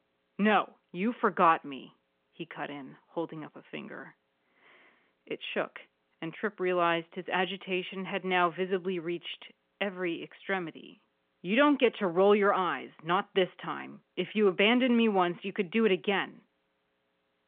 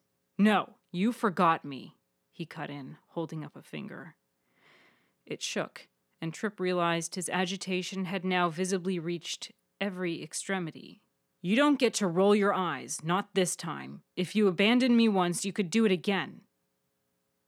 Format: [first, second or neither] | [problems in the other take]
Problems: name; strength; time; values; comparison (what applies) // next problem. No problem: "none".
second | phone-call audio; nothing above 3 kHz